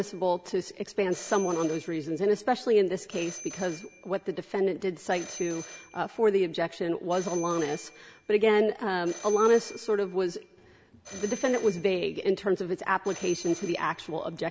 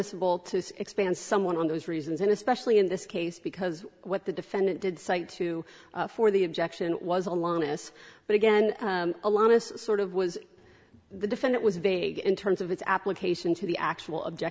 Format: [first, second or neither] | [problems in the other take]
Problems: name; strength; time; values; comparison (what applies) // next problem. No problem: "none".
second | background sound (Telephone); 19 dB below the speech